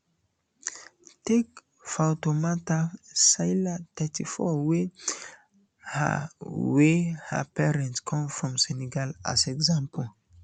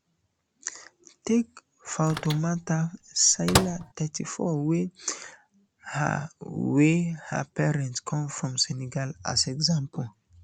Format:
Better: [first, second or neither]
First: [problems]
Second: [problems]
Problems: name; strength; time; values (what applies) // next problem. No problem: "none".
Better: first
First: none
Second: background sound (Microwave oven); 4 dB below the speech